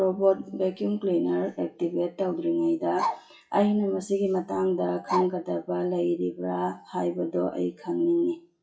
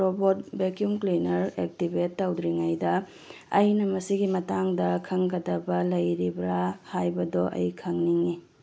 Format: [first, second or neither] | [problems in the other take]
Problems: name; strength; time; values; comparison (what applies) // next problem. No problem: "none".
second | noise reduction (classical method WPE with log-MMSE)